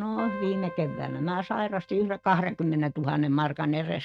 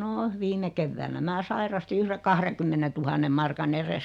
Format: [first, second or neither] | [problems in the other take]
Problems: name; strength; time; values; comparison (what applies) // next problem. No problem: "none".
second | noise reduction (neural mask model RNNoise)